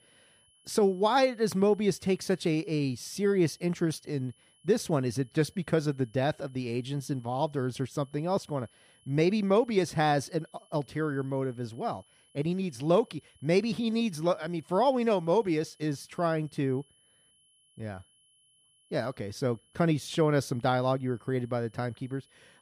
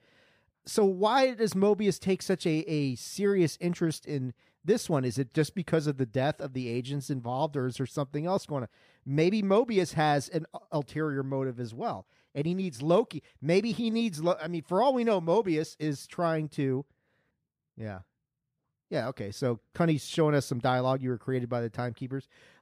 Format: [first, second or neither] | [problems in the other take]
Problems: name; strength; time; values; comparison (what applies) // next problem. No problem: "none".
second | high-pitched whine; faint; throughout; 3 kHz, 35 dB below the speech